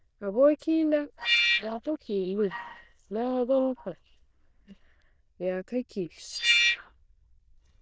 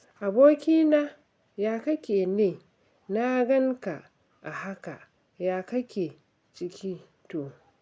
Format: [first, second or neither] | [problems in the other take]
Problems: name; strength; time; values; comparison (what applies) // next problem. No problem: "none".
second | noise reduction (neural diffusion model UNIVERSE++)